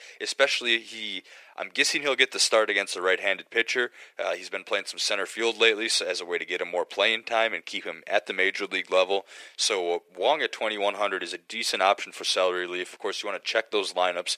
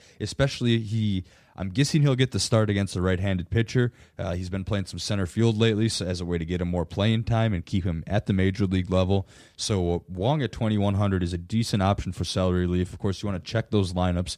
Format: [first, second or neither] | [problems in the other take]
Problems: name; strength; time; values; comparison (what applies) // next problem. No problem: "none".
second | thin; very; fading below 450 Hz